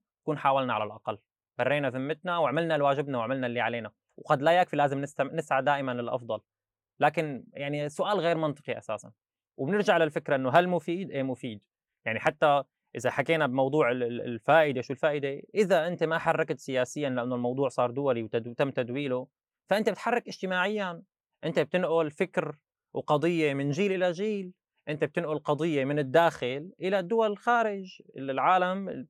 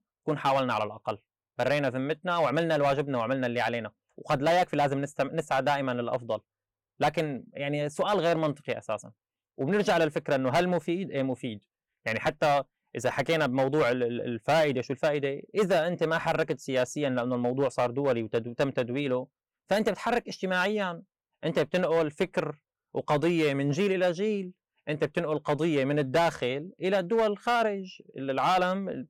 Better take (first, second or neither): first